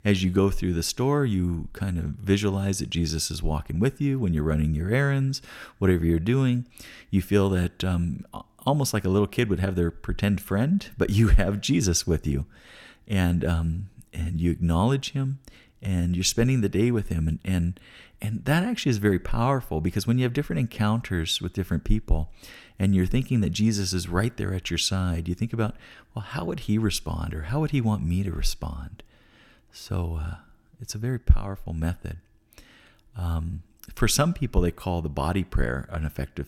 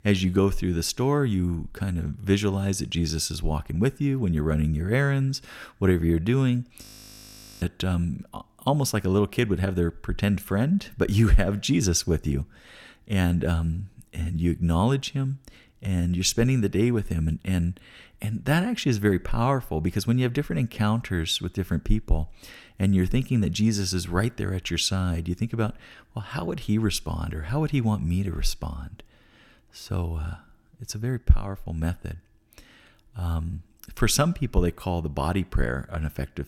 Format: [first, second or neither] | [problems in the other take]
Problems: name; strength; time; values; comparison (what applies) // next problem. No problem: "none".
first | audio freezing; at 7 s for 1 s